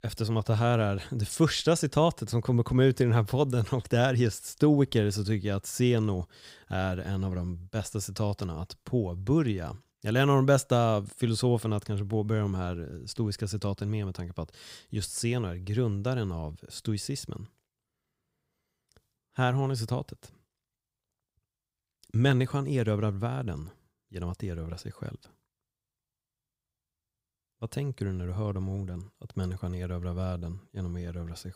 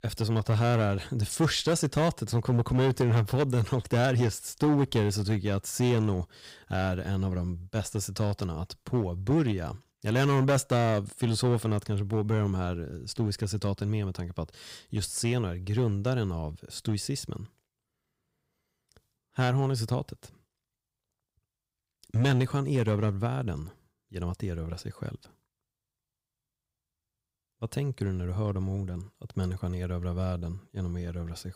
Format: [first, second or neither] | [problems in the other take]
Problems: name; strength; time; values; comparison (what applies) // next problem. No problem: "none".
first | distortion; slight; 4% of the sound clipped